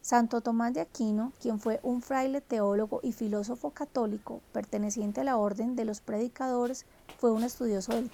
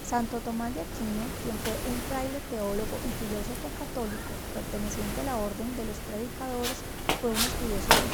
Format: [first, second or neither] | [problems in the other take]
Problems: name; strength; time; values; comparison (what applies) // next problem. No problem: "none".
first | wind noise on the microphone; heavy; 2 dB above the speech; occasional gusts in the first